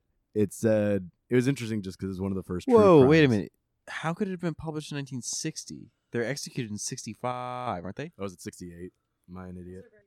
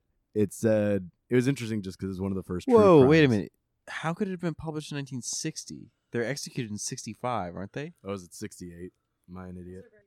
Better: second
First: audio freezing; at 7.5 s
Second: none

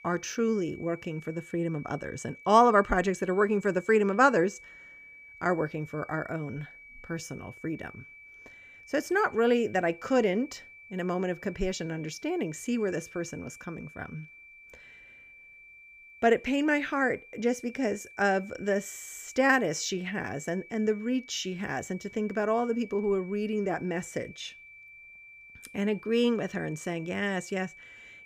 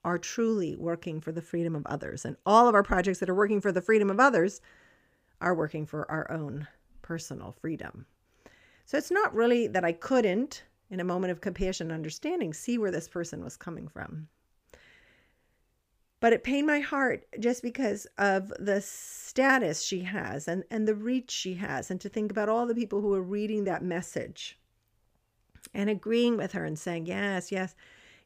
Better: second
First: high-pitched whine; noticeable; throughout; 2.5 kHz, 20 dB below the speech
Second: none

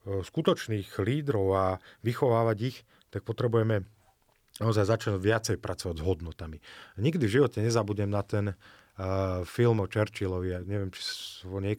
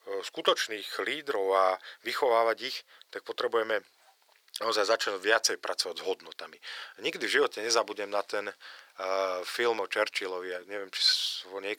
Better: first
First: none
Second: thin; very; fading below 500 Hz

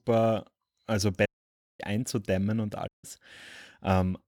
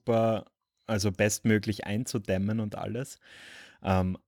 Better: second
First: audio cutting out; at 1.5 s for 0.5 s and at 3 s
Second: none

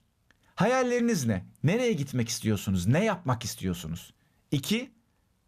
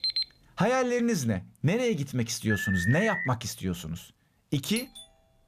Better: first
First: none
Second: alarm; loud; at the start; peak 1 dB above the speech // alarm; noticeable; at 2.5 s; peak 2 dB below the speech // doorbell; faint; at 5 s; peak 10 dB below the speech

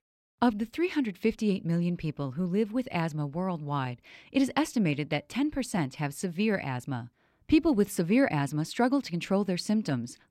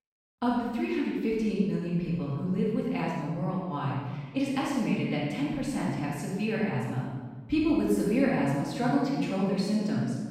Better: first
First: none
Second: off-mic speech; far // room echo; strong; dies away in 1.5 s

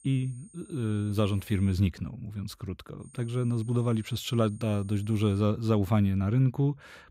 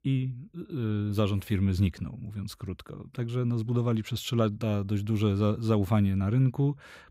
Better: second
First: high-pitched whine; faint; until 2 s and from 3 to 5.5 s; 8.5 kHz, 25 dB below the speech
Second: none

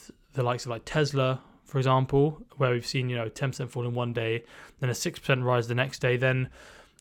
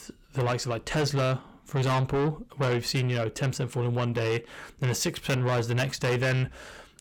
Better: first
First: none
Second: distortion; heavy; 7 dB below the speech

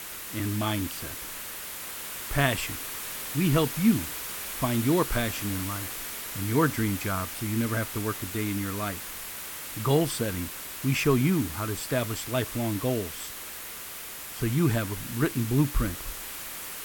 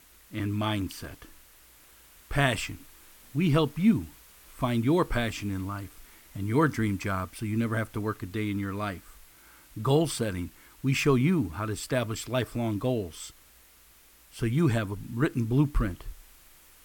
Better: second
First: hiss; loud; throughout; 6 dB below the speech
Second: hiss; faint; throughout; 25 dB below the speech

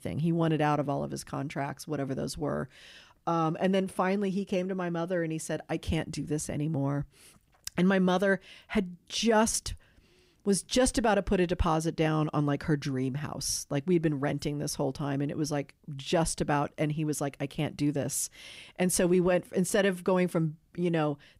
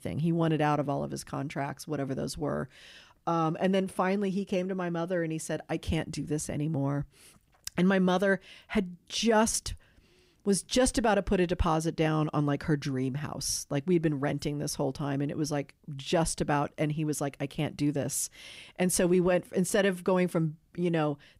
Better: neither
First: none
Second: none

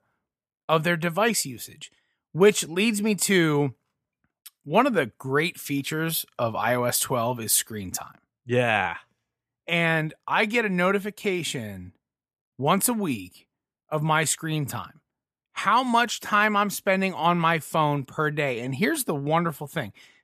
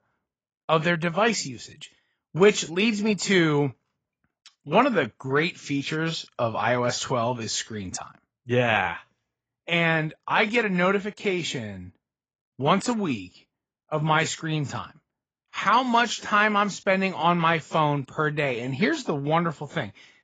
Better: first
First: none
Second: garbled, watery; badly; nothing above 7.5 kHz

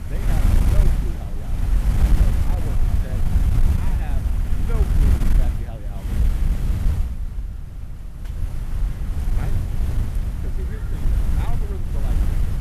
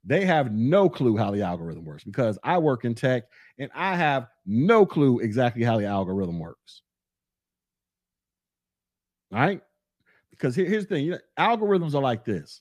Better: second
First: wind noise on the microphone; heavy; 5 dB above the speech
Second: none

